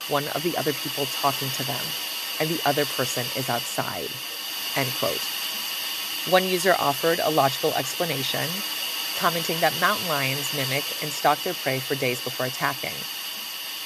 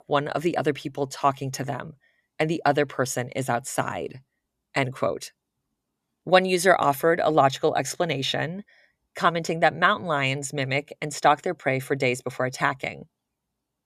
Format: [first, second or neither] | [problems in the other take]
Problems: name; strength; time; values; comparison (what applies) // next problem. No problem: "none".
second | hiss; loud; throughout; 1 dB below the speech